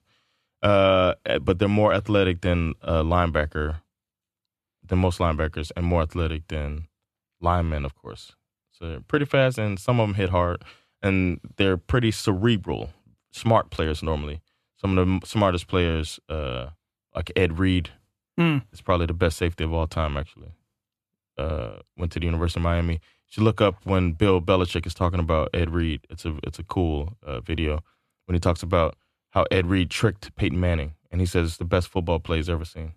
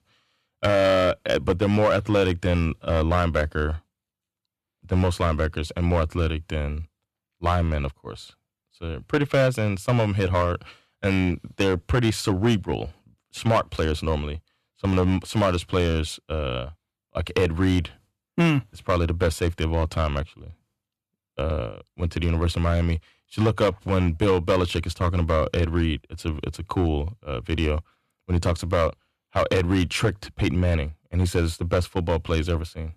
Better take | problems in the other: first | distortion; slight; 3% of the sound clipped

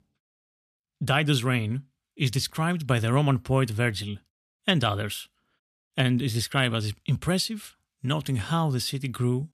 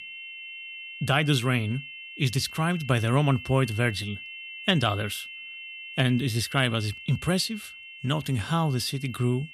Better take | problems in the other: first | high-pitched whine; noticeable; throughout; 2.5 kHz, 10 dB below the speech

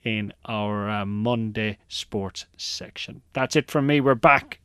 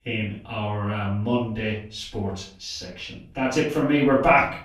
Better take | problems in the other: first | off-mic speech; far // room echo; noticeable; dies away in 0.4 s

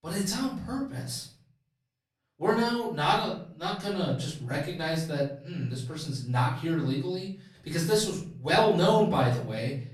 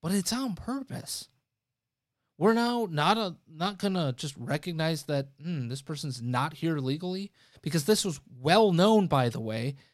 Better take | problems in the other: second | off-mic speech; far // room echo; slight; dies away in 0.4 s

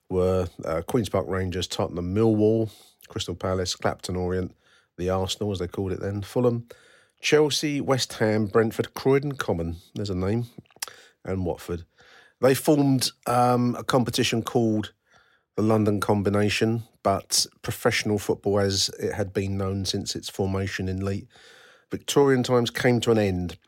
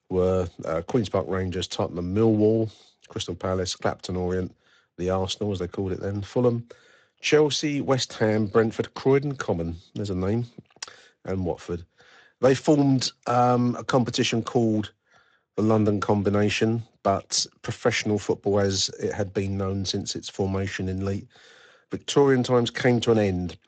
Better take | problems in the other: first | garbled, watery; slightly; nothing above 7.5 kHz

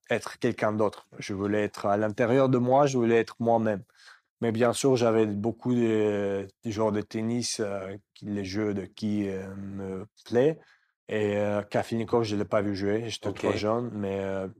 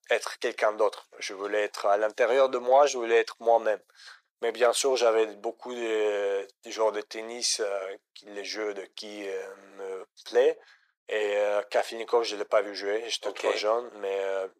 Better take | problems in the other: first | thin; very; fading below 450 Hz

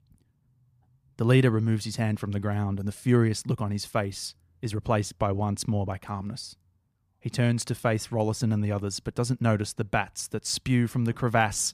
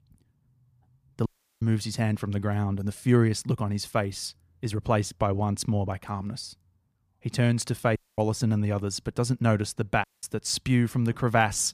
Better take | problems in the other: first | audio cutting out; at 1.5 s, at 8 s and at 10 s

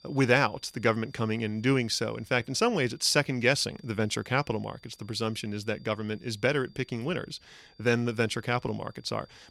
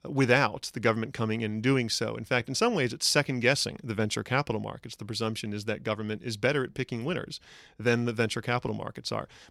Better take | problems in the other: second | high-pitched whine; faint; throughout; 4.5 kHz, 30 dB below the speech

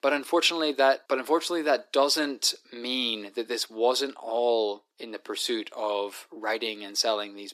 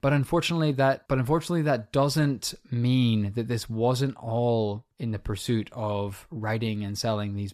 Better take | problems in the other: second | thin; very; fading below 300 Hz

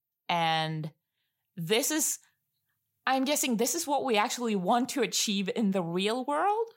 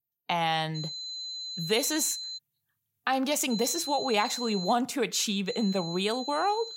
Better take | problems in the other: first | high-pitched whine; loud; from 1 to 2.5 s, from 3.5 to 4.5 s and from 5.5 s on; 4 kHz, 7 dB below the speech

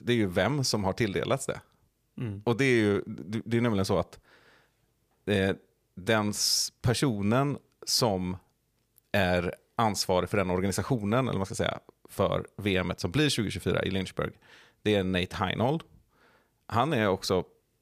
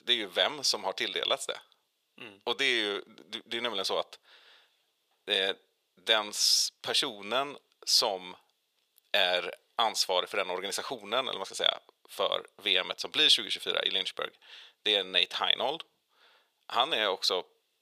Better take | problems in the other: first | thin; very; fading below 600 Hz

